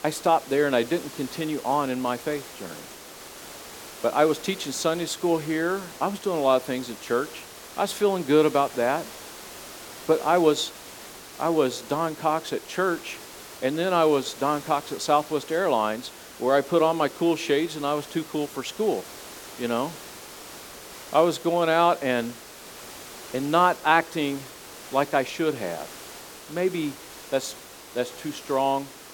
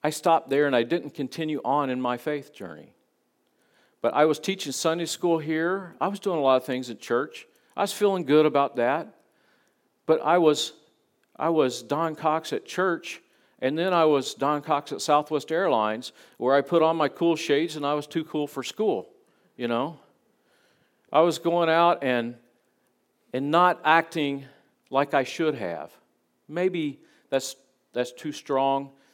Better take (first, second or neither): second